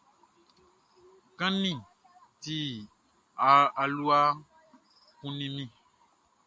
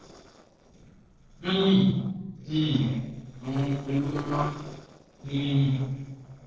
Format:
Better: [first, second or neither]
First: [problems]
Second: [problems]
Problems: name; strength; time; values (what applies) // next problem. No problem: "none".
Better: first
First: none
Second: noise reduction (neural separator model SepFormer DNS4)